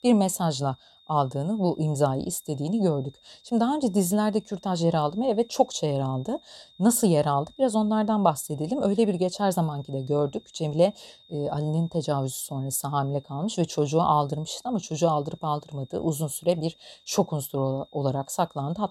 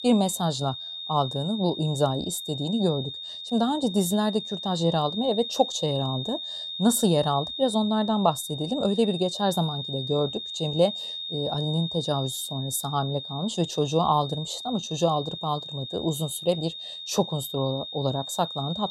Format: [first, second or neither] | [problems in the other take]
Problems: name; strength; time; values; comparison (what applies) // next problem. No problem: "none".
first | high-pitched whine; loud; throughout; 3.5 kHz, 7 dB below the speech; faint in the first